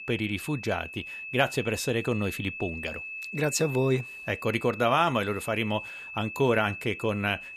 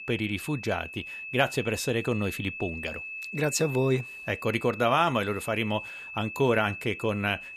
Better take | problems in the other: neither | high-pitched whine; loud; throughout; 2.5 kHz, 10 dB below the speech; the same in both

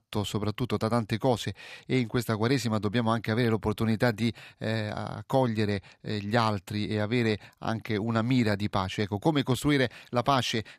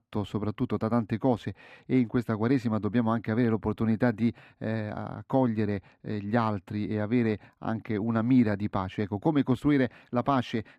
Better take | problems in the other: first | muffled; slightly; fading above 3 kHz

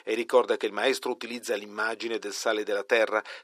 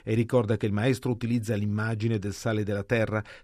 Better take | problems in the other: second | thin; very; fading below 350 Hz

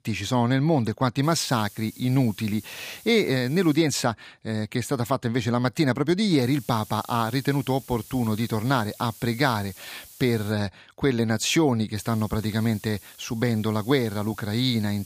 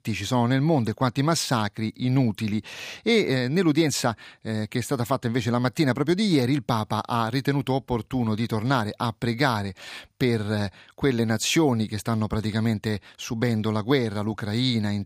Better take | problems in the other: second | hiss; faint; from 1 to 4 s, from 6.5 to 11 s and from 12 s on; 20 dB below the speech

